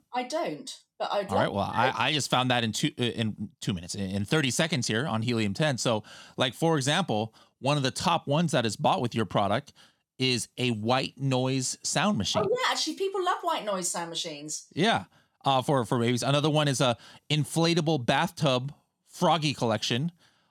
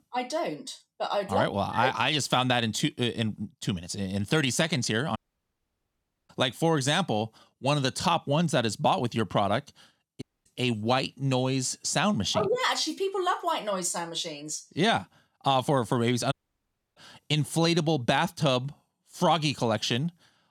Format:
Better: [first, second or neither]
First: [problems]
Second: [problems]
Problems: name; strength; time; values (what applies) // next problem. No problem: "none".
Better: first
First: none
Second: audio cutting out; at 5 s for 1 s, at 10 s and at 16 s for 0.5 s